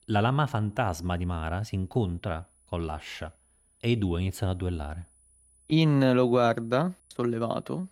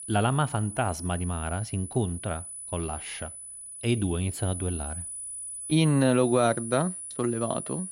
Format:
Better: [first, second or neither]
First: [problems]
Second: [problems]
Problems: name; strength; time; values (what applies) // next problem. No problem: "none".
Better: first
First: high-pitched whine; faint; throughout; 10 kHz, 35 dB below the speech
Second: high-pitched whine; loud; throughout; 10 kHz, 8 dB below the speech